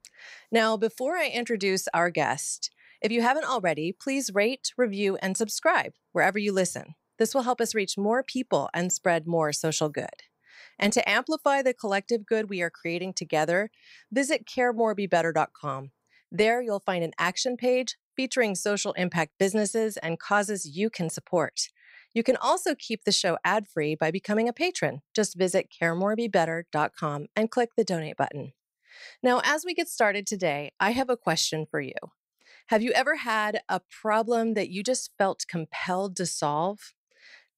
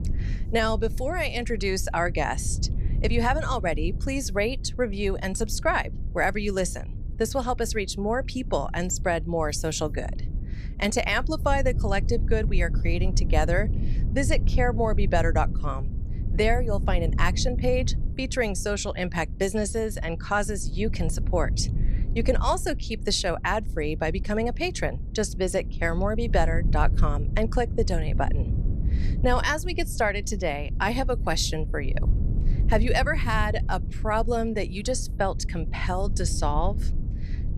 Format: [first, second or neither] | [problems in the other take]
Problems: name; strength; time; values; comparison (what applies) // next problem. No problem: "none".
first | low rumble; noticeable; throughout; 15 dB below the speech